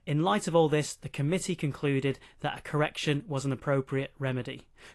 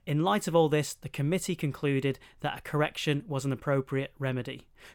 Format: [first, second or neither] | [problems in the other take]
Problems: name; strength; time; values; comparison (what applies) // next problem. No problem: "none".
second | garbled, watery; slightly; nothing above 11.5 kHz